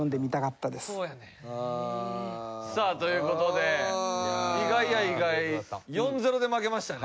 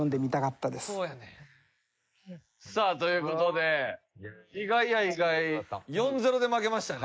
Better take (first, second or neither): first